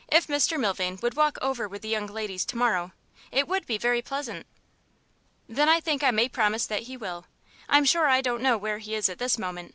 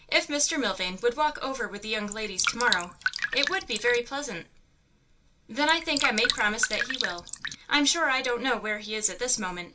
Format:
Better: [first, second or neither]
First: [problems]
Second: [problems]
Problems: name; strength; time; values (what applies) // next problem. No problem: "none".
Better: first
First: none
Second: background sound (Drip); 3 dB below the speech // room echo; dies away in 0.2 s